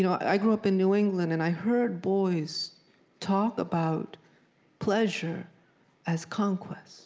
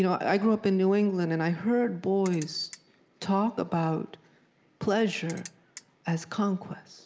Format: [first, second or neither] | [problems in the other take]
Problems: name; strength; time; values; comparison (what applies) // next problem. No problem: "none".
first | background sound (Ratchet, pawl); 19 dB below the speech